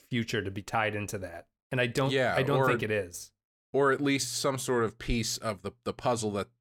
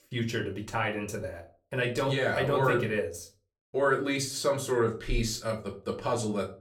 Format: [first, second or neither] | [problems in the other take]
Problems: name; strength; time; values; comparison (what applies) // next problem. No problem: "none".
first | off-mic speech; somewhat distant // room echo; very slight; dies away in 0.3 s